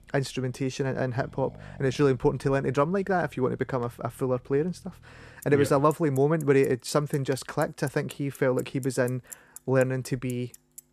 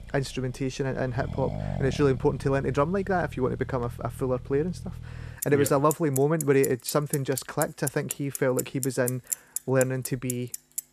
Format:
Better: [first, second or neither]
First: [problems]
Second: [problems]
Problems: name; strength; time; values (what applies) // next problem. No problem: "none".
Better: first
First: traffic noise; faint; throughout; 20 dB below the speech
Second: traffic noise; loud; throughout; 9 dB below the speech